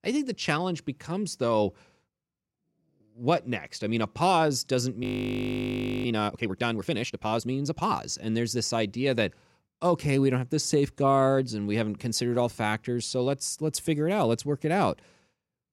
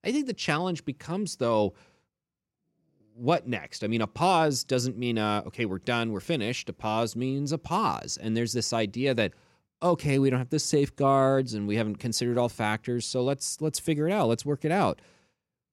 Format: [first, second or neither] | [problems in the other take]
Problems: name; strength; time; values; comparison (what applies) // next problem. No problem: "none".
second | audio freezing; at 5 s for 1 s